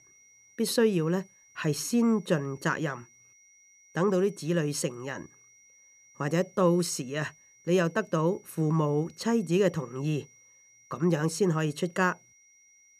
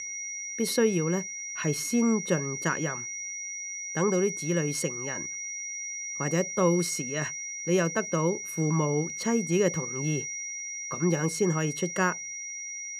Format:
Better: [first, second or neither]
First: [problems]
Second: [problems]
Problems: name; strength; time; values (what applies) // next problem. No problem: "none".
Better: first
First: high-pitched whine; faint; throughout; 5.5 kHz, 30 dB below the speech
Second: high-pitched whine; loud; throughout; 5.5 kHz, 5 dB below the speech